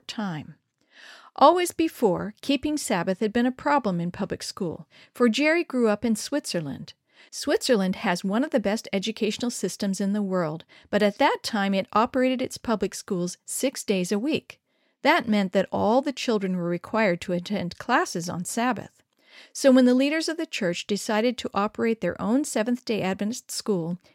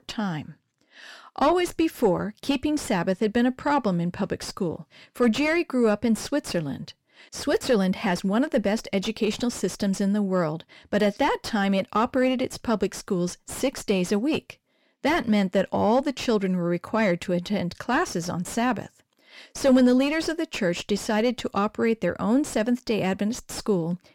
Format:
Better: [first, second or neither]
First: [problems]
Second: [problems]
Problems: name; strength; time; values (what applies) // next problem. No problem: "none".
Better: first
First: none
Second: distortion; slight; 10 dB below the speech